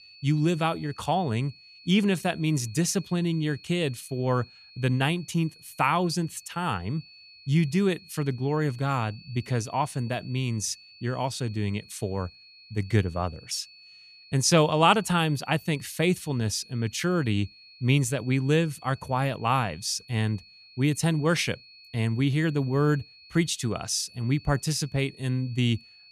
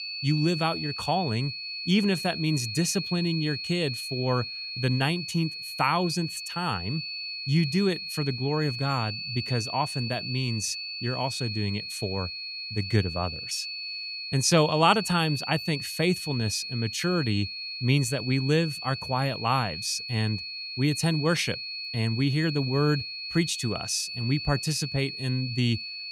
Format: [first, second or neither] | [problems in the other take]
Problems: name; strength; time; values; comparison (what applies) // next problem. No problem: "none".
first | high-pitched whine; loud; throughout; 4.5 kHz, 6 dB below the speech; faint in the first